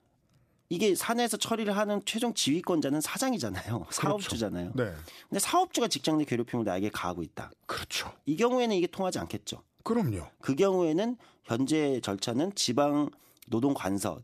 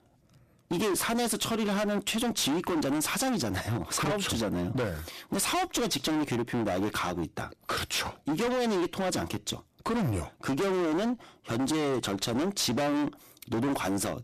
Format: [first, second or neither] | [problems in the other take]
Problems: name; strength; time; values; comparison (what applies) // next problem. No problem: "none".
first | distortion; heavy; 30% of the sound clipped